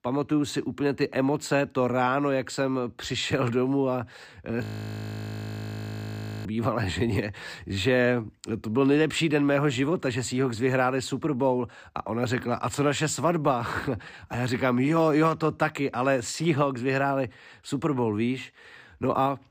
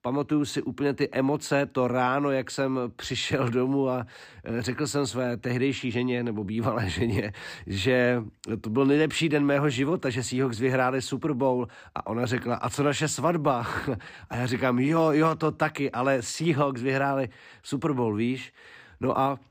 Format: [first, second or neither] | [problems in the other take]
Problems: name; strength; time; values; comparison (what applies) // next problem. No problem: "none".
second | audio freezing; at 4.5 s for 2 s